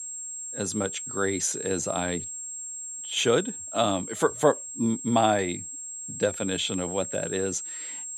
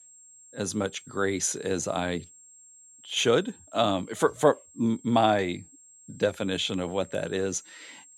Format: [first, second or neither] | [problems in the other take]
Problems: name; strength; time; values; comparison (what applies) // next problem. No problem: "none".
second | high-pitched whine; loud; throughout; 7.5 kHz, 7 dB below the speech; faint in the second